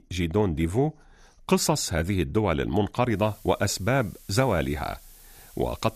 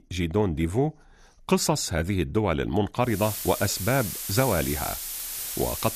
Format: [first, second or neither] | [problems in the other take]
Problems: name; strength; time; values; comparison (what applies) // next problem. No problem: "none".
first | hiss; loud; from 3 s on; 5 dB below the speech; faint in the first